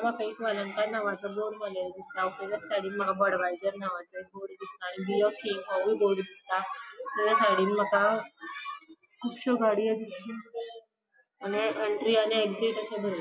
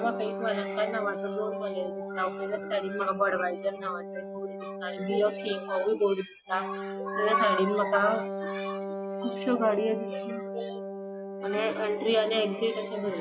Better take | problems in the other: first | background sound (Wind instrument, woodwind instrument); 6 dB below the speech

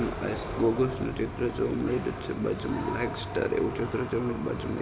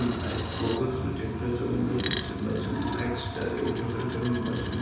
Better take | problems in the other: first | background sound (Coin (dropping)); 14 dB below the speech // room echo; dies away in 1.1 s

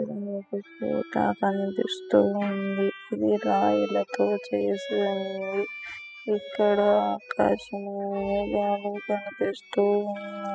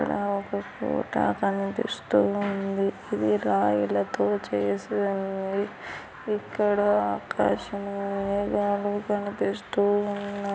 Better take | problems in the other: second | noise reduction (classical method spectral subtraction)

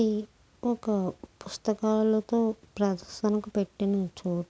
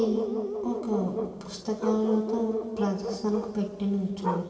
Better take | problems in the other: first | background sound (Bark); 5 dB below the speech // room echo; dies away in 2.6 s

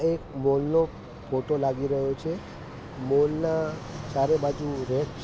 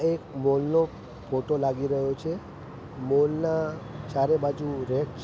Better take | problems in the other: second | background sound (Fixed-wing aircraft, airplane); 18 dB below the speech

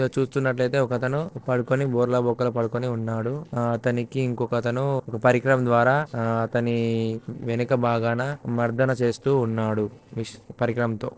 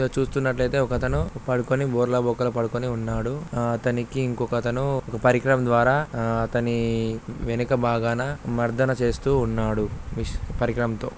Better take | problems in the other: second | noise reduction (neural separator model SepFormer DNS4)

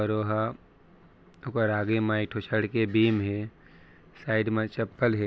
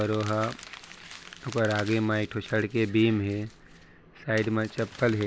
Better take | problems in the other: first | background sound (Crumpling, crinkling); 18 dB below the speech

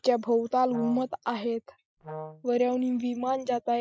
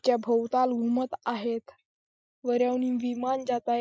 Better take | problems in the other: second | background sound (Brass instrument); 13 dB below the speech

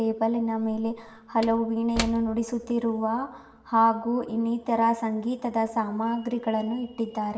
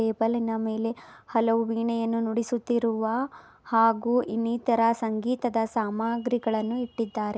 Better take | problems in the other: second | background sound (Slam / Wood); 17 dB below the speech // room echo; dies away in 0.8 s

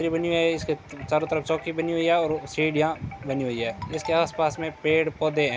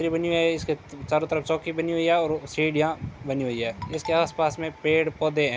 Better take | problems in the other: second | background sound (Wind chime); 18 dB below the speech

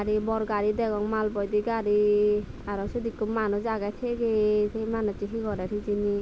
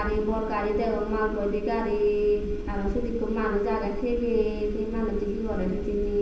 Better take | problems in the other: first | room echo; dies away in 0.8 s

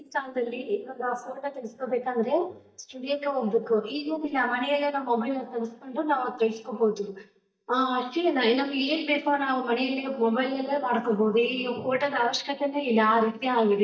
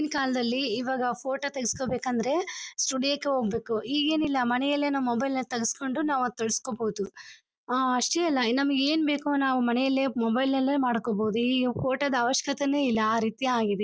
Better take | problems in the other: second | noise reduction (neural mask model DeepFilterNet 3)

